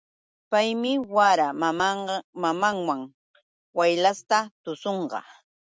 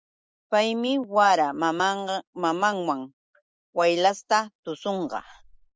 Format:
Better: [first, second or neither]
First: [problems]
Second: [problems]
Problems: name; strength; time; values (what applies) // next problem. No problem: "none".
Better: first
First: none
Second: noise reduction (neural mask model Resemble Enhance denoiser)